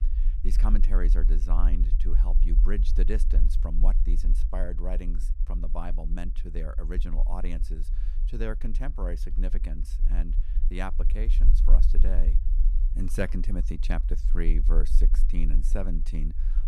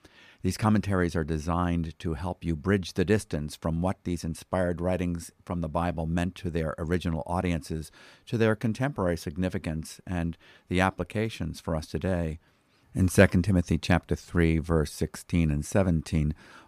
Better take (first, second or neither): second